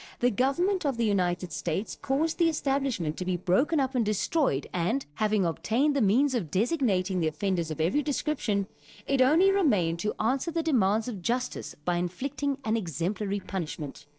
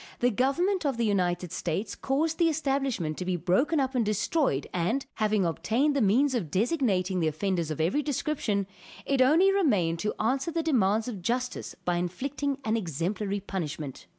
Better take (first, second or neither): second